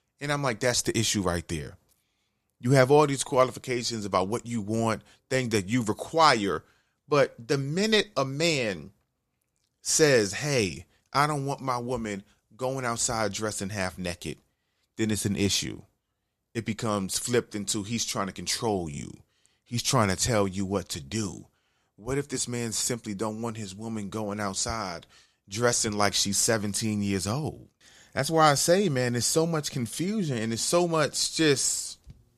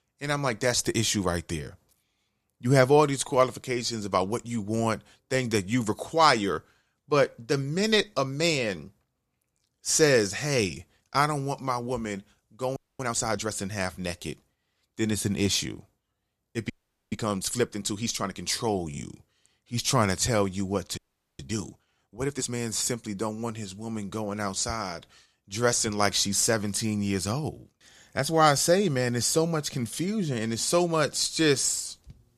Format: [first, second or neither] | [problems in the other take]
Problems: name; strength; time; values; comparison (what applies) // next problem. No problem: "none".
first | audio freezing; at 13 s, at 17 s and at 21 s